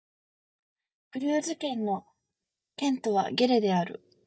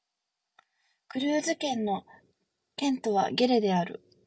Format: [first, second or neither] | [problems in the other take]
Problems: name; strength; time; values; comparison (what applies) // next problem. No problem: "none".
second | noise reduction (neural mask model DeepFilterNet 3)